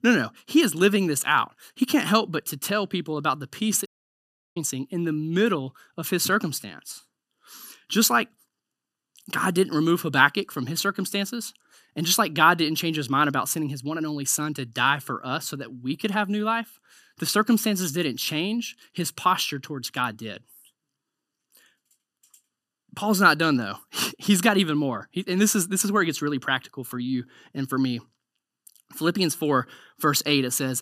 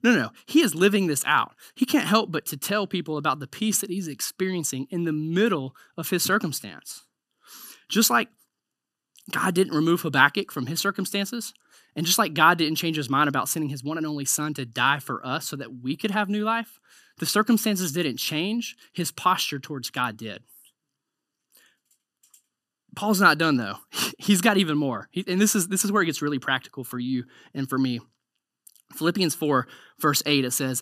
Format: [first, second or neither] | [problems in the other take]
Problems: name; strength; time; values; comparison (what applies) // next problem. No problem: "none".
second | audio cutting out; at 4 s for 0.5 s